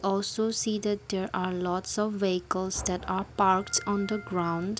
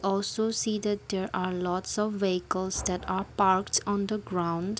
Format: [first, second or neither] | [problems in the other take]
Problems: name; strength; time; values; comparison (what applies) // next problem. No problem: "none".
second | background sound (Organ); 16 dB below the speech